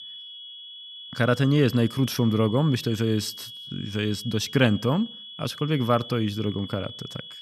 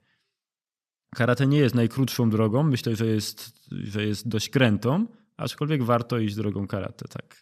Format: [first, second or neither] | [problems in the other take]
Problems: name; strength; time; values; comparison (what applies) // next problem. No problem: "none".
second | high-pitched whine; noticeable; throughout; 3.5 kHz, 15 dB below the speech